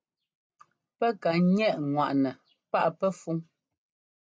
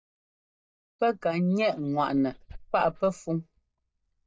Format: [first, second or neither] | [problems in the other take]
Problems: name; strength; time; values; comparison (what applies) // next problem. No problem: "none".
first | noise reduction (neural mask model DeepFilterNet 3)